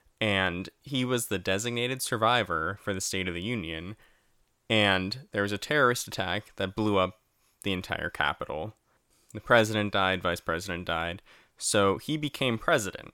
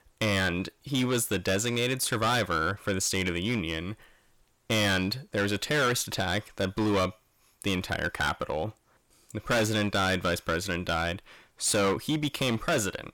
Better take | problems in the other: first | distortion; heavy; 10% of the sound clipped

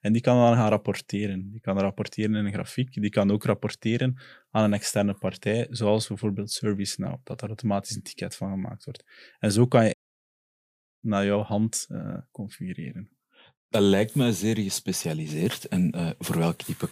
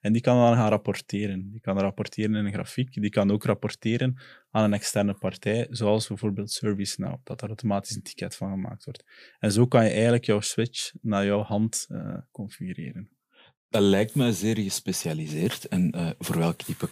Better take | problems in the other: second | audio cutting out; at 10 s for 1 s

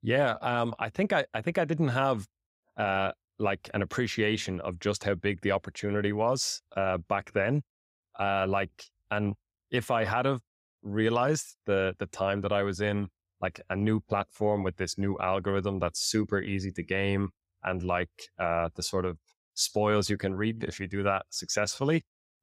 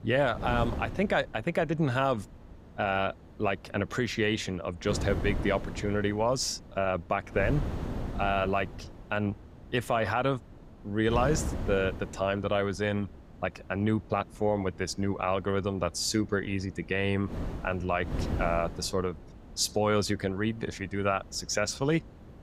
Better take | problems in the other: first | wind noise on the microphone; occasional gusts; 15 dB below the speech

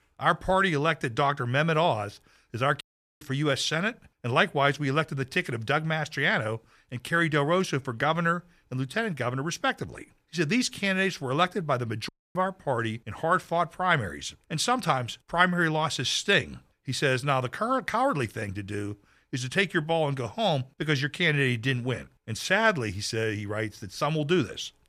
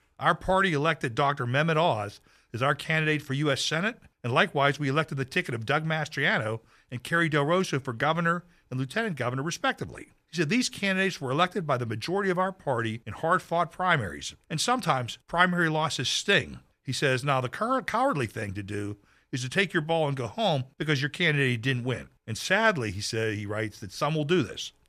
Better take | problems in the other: second | audio cutting out; at 3 s and at 12 s

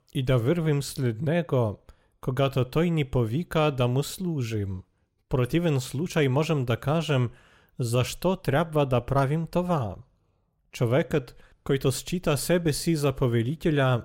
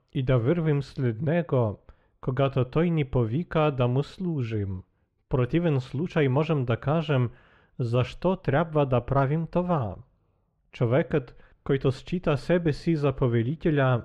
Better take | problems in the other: first | muffled; slightly; fading above 2.5 kHz

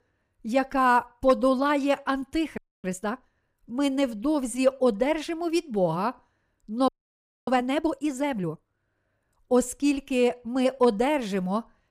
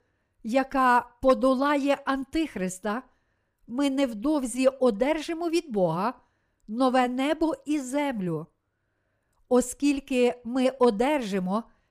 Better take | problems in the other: second | audio freezing; at 2.5 s and at 7 s for 0.5 s

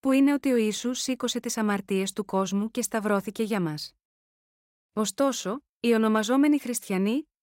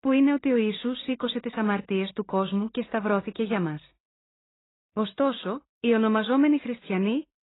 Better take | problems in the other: first | garbled, watery; badly; nothing above 4 kHz

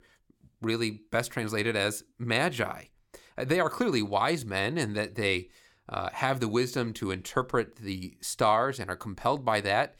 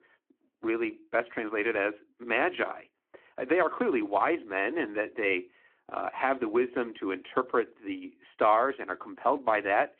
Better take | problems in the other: first | phone-call audio

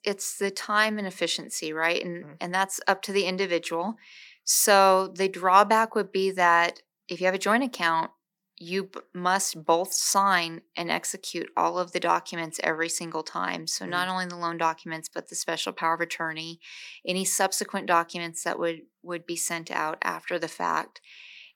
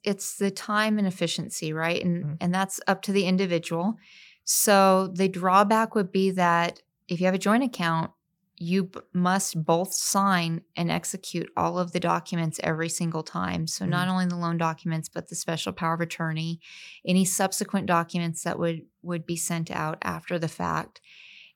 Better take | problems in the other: second | thin; somewhat; fading below 250 Hz

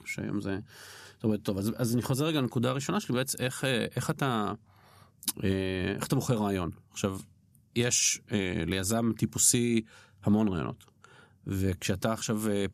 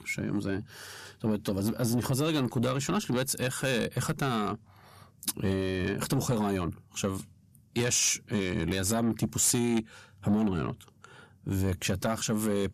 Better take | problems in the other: first | distortion; slight; 10 dB below the speech

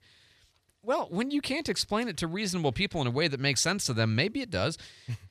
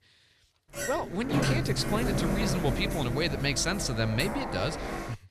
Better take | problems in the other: first | door banging; loud; from 1 s on; peak 3 dB above the speech

